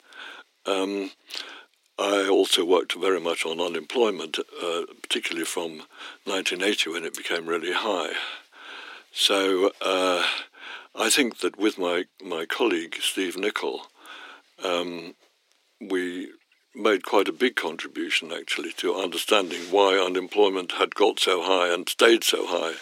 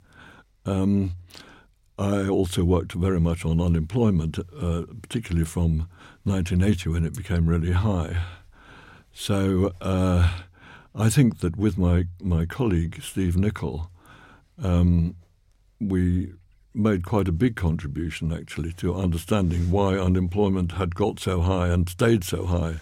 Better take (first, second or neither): second